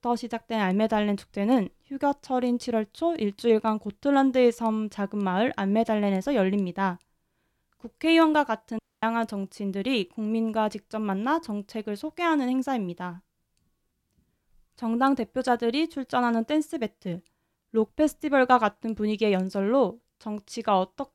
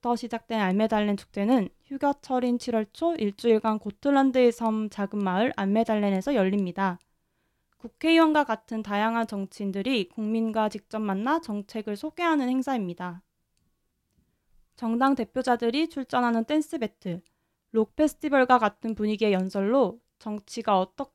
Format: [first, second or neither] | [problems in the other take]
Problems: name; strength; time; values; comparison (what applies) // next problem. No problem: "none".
second | audio cutting out; at 9 s